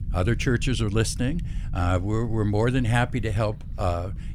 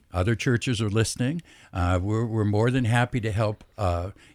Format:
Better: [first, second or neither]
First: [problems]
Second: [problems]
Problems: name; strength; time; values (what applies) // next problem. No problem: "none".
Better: second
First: low rumble; faint; throughout; 20 dB below the speech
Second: none